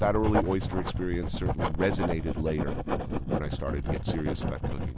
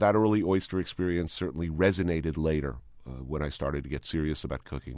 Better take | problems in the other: second | background sound (Writing); 1 dB above the speech

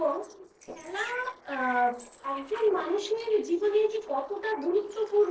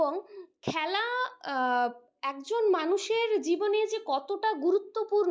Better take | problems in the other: second | noise reduction (neural separator model SepFormer DNS4)

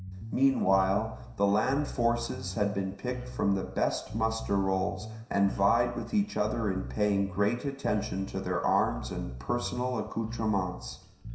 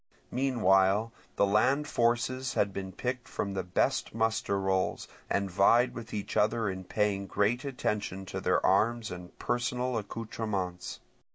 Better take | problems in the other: second | background sound (Bass guitar); 11 dB below the speech // room echo; dies away in 0.7 s

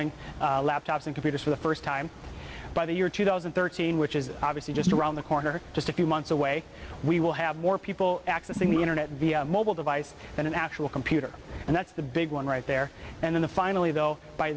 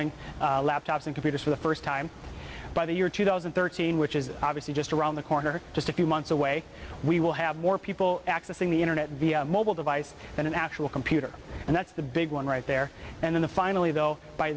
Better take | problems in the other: second | background sound (Gurgling / Liquid); 4 dB below the speech

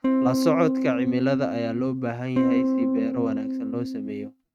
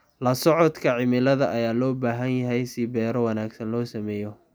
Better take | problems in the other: second | noise reduction (neural mask model RNNoise)

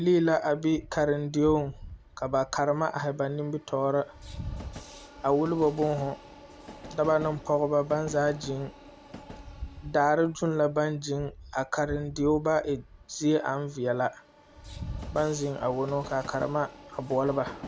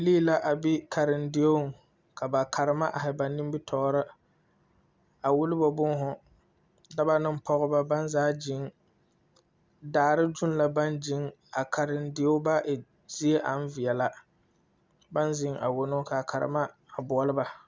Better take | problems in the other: second | background sound (Train); 16 dB below the speech

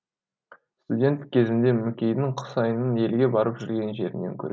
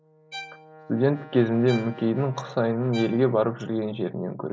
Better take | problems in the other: first | background sound (Bowed string instrument + Brass instrument); 18 dB below the speech

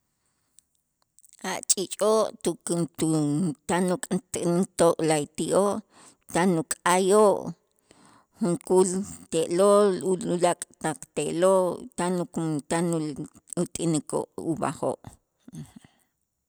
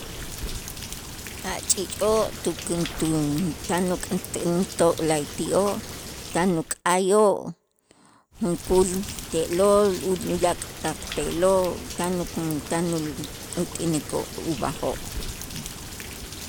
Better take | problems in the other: first | background sound (Rain); 10 dB below the speech

